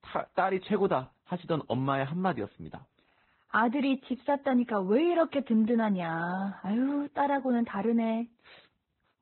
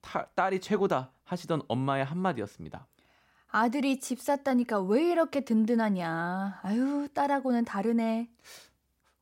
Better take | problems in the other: second | garbled, watery; badly; nothing above 4 kHz

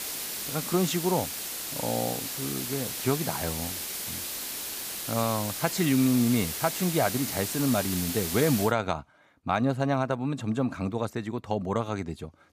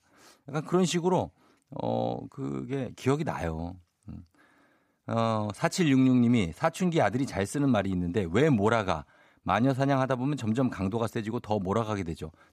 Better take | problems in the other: second | hiss; loud; until 8.5 s; 3 dB below the speech

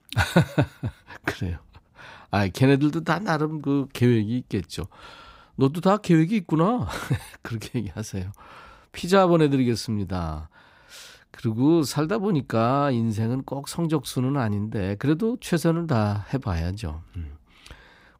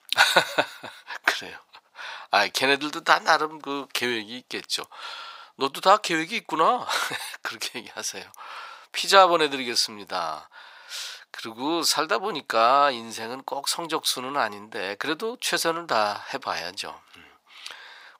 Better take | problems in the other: first | thin; very; fading below 800 Hz

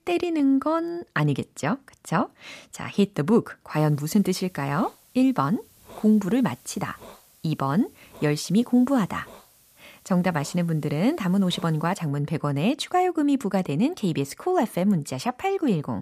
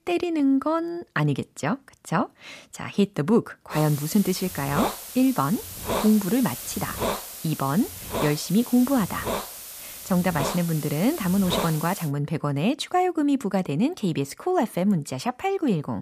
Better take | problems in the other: first | hiss; loud; from 4 to 12 s; 7 dB below the speech; faint in the first

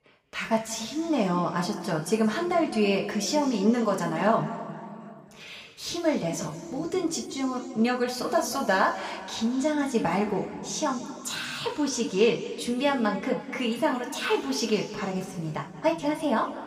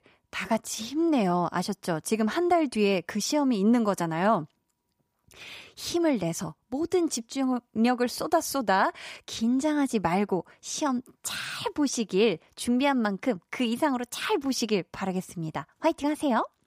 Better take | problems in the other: second | room echo; slight; dies away in 2.1 s // off-mic speech; somewhat distant

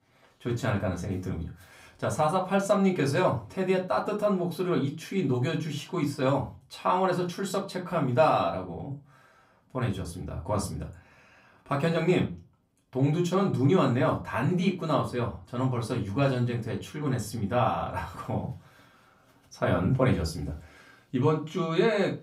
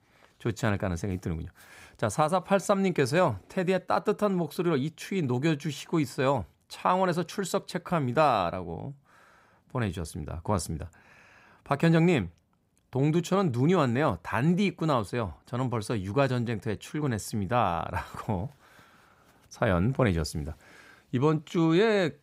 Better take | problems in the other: second | off-mic speech; far // room echo; very slight; dies away in 0.2 s

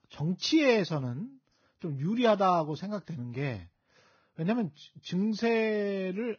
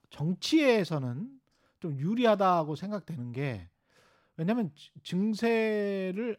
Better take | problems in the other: second | garbled, watery; badly; nothing above 6.5 kHz

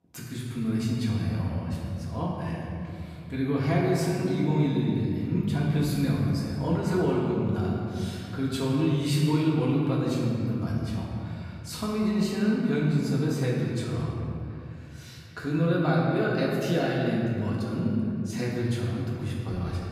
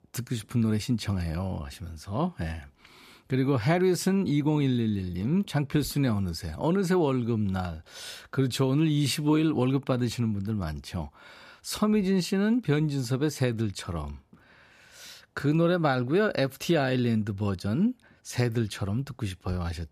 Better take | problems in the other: second | off-mic speech; far // room echo; strong; dies away in 2.5 s

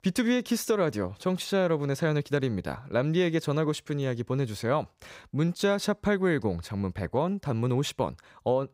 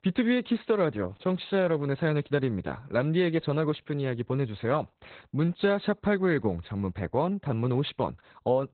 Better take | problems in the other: first | garbled, watery; badly; nothing above 4 kHz

